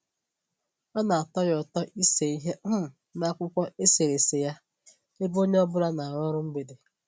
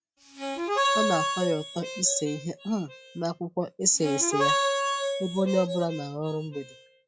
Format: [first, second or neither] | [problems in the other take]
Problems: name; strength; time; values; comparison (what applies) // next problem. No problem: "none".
first | noise reduction (classical method log-MMSE)